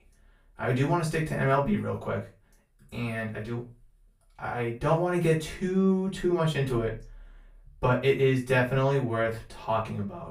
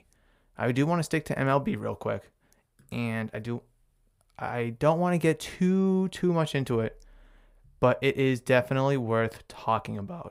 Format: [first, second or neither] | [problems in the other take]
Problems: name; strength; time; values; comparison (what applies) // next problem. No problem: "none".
second | room echo; slight; dies away in 0.3 s // off-mic speech; far